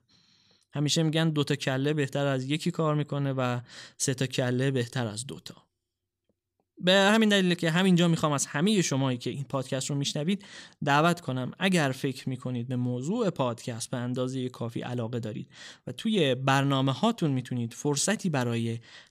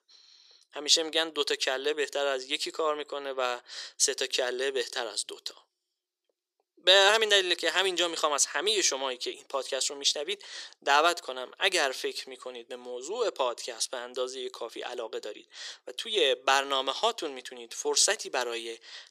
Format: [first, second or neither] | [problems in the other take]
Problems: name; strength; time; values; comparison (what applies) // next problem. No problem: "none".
first | thin; very; fading below 400 Hz